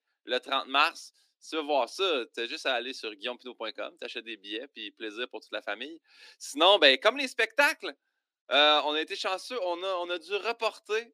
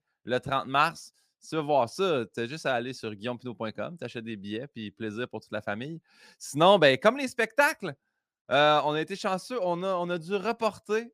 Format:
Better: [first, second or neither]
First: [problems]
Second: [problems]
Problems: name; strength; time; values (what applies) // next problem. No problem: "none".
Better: second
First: thin; very slightly; fading below 250 Hz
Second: none